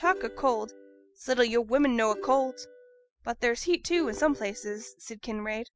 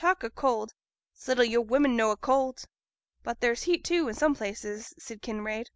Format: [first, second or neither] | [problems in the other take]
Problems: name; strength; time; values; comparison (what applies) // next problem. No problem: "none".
second | noise reduction (classical method Wiener filter)